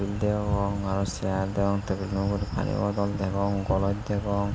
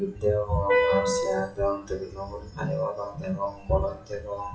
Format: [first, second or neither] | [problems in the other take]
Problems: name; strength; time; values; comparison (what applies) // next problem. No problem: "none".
first | noise reduction (classical method WPE with log-MMSE)